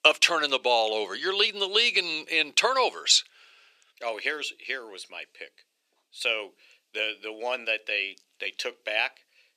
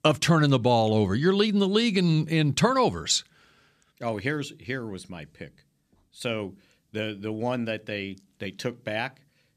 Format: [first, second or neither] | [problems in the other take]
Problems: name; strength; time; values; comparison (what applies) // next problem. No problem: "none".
second | thin; very; fading below 450 Hz